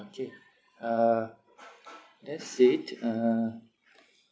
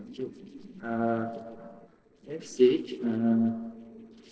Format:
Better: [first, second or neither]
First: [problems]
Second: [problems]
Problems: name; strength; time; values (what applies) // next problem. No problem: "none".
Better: first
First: none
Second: noise reduction (neural separator model SepFormer DNS4)